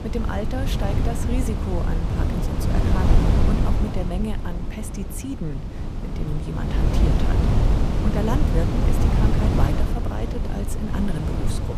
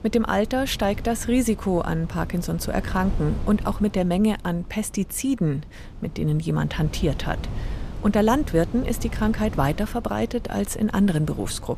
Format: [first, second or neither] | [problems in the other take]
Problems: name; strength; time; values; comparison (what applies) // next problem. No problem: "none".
second | wind noise on the microphone; heavy; 2 dB above the speech; occasional gusts in the second